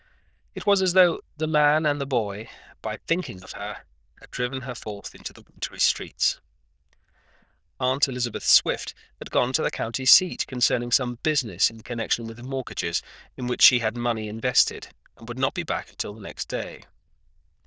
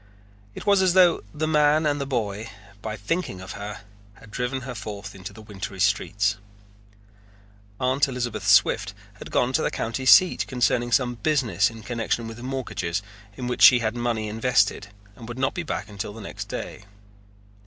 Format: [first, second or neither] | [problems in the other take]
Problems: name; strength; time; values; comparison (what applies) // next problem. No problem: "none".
second | noise reduction (neural diffusion model UNIVERSE++)